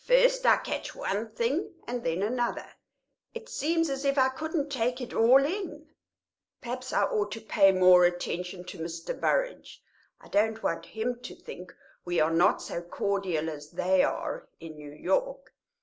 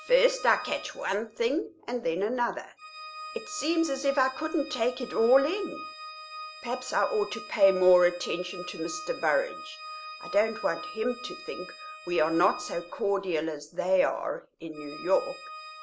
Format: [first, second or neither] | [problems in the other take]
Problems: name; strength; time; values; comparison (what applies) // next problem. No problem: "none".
first | background sound (Organ); 15 dB below the speech